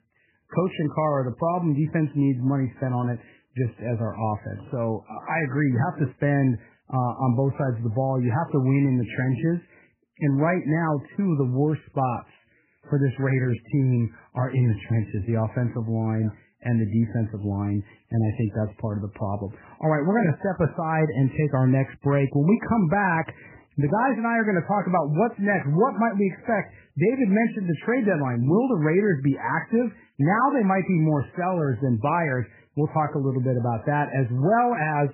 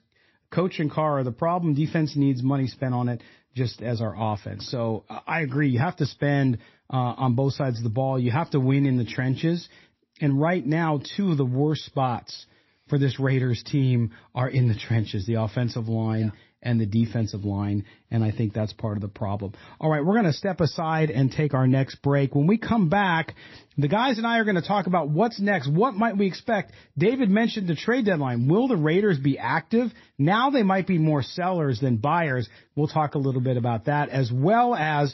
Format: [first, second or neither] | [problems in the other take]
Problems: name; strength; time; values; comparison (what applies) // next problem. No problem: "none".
second | garbled, watery; badly; nothing above 2.5 kHz; slightly in the second